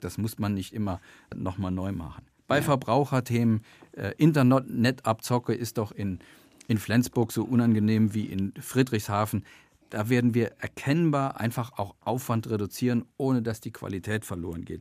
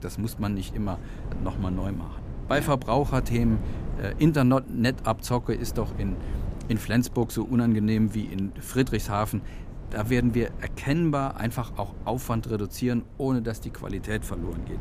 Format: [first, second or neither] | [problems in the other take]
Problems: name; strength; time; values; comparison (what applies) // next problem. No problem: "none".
first | wind noise on the microphone; occasional gusts; 15 dB below the speech